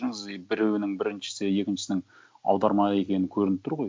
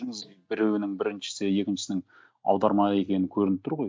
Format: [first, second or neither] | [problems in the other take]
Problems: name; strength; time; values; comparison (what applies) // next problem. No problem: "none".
first | noise reduction (neural mask model DeepFilterNet 3)